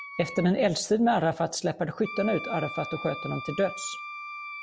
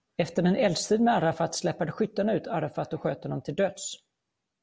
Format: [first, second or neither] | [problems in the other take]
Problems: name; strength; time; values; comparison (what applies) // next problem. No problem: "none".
second | background sound (Wind instrument, woodwind instrument); 12 dB below the speech